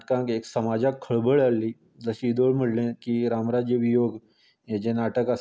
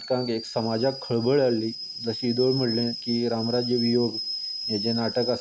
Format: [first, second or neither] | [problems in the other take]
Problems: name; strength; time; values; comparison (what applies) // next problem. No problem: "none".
first | background sound (Boiling / Alarm); 8 dB below the speech